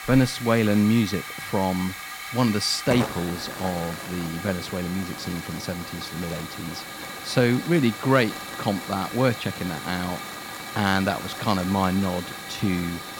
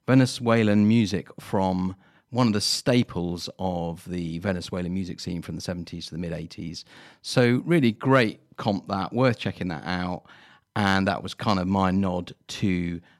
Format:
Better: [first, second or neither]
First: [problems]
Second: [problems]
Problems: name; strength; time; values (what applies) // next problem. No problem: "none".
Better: second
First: hiss; loud; throughout; 9 dB below the speech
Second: none